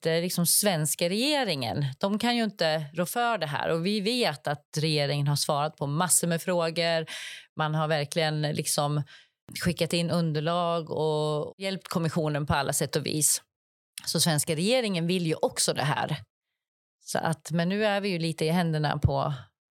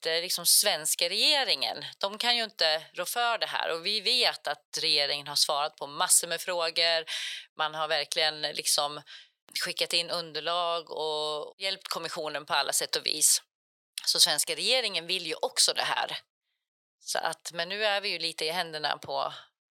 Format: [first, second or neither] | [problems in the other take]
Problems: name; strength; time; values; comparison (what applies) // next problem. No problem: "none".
first | thin; very; fading below 600 Hz